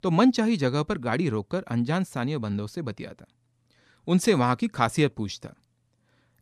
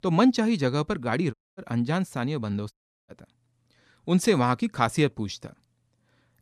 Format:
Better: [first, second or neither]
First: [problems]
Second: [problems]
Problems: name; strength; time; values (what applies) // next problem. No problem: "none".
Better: first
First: none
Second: audio cutting out; at 1.5 s and at 2.5 s